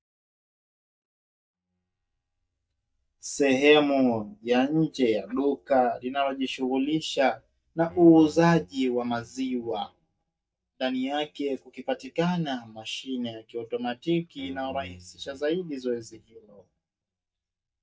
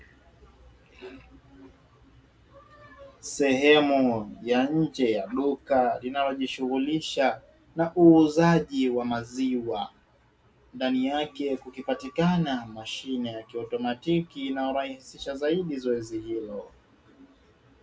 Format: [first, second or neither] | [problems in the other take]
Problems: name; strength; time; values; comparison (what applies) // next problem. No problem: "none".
second | noise reduction (neural mask model DeepFilterNet 3)